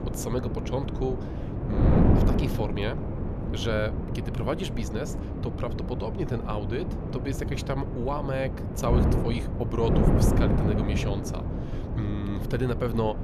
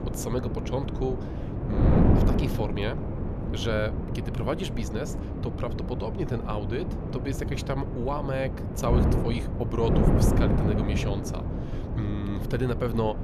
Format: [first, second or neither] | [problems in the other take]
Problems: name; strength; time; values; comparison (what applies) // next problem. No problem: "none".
neither | wind noise on the microphone; heavy; 1 dB below the speech; the same in both